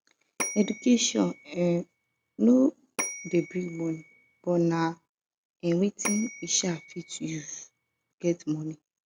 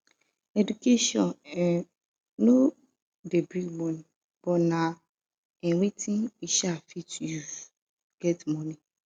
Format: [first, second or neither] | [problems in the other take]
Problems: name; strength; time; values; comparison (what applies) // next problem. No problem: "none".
second | background sound (Bell / Telephone); 12 dB below the speech